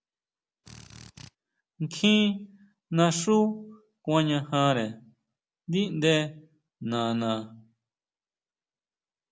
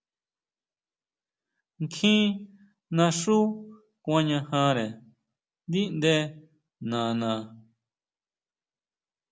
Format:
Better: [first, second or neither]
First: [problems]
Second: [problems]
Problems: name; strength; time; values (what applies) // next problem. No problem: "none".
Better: second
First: background sound (Drill); 19 dB below the speech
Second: none